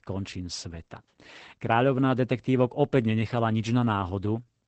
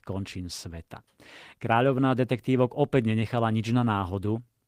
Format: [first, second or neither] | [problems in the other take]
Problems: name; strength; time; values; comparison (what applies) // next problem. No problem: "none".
second | garbled, watery; badly; nothing above 8 kHz; slightly in the second